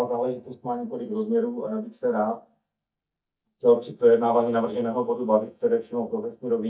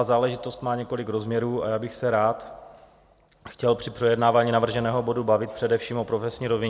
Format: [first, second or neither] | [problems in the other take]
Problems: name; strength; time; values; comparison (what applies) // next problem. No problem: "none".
second | noise reduction (neural mask model DeepFilterNet 3)